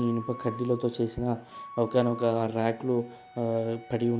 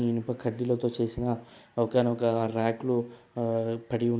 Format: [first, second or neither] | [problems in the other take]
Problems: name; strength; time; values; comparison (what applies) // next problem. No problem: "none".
second | background sound (Wind instrument, woodwind instrument); 17 dB below the speech